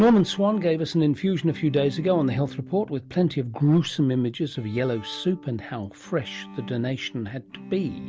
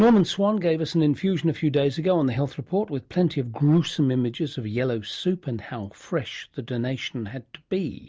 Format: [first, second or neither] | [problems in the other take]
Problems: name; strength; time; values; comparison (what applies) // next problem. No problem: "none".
second | background sound (Bowed string instrument); 17 dB below the speech